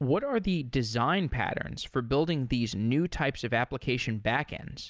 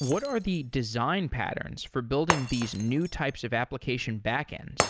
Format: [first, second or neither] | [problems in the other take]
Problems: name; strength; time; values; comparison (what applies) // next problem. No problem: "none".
first | background sound (Shatter); 7 dB below the speech